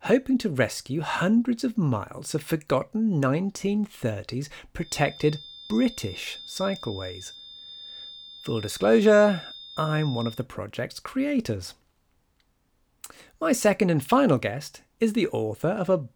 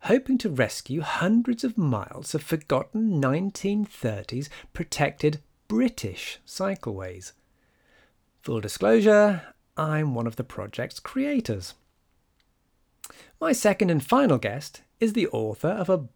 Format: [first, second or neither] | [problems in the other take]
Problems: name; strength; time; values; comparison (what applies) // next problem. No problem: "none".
second | high-pitched whine; noticeable; from 5 to 10 s; 3.5 kHz, 15 dB below the speech